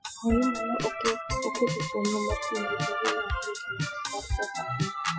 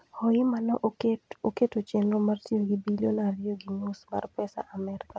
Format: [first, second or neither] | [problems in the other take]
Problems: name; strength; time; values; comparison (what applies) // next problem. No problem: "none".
second | noise reduction (classical method Wiener filter)